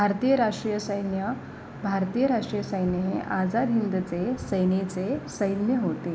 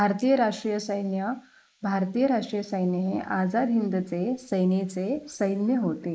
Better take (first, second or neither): first